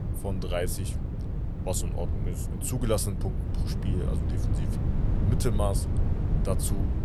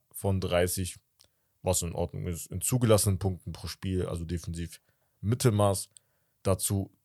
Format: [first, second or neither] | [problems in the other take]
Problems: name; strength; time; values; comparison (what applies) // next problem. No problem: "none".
second | wind noise on the microphone; heavy; 7 dB below the speech